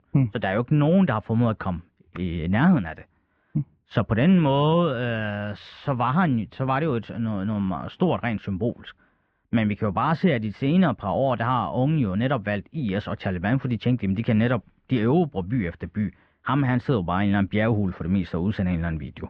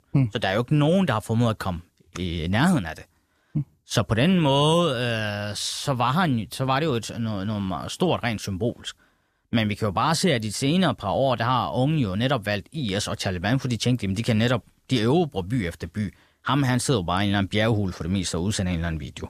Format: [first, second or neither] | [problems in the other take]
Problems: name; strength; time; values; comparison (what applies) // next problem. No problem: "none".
second | muffled; very; fading above 2.5 kHz